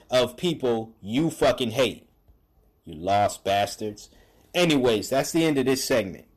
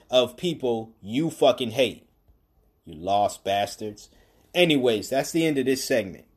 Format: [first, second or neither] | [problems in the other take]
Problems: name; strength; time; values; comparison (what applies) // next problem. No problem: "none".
second | distortion; slight; 7% of the sound clipped